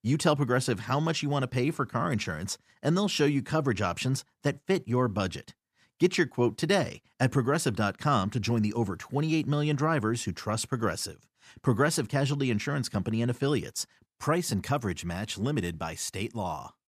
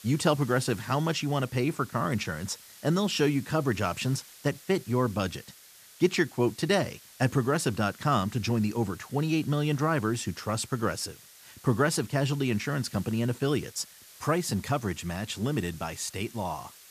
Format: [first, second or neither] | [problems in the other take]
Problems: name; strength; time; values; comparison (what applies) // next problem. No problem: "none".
first | hiss; faint; throughout; 20 dB below the speech